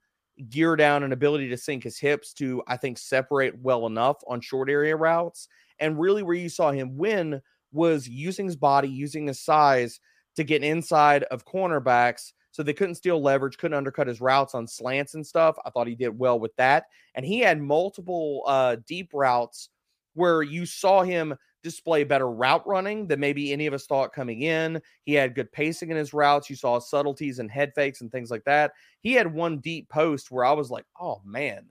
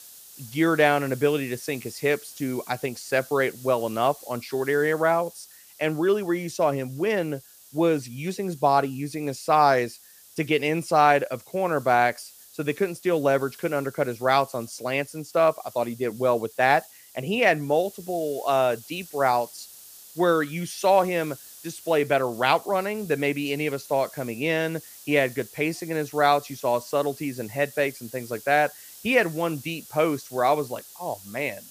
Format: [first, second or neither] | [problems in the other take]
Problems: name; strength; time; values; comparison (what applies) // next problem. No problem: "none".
first | hiss; noticeable; throughout; 20 dB below the speech